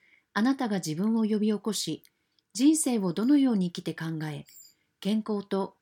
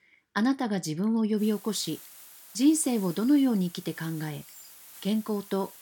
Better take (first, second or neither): first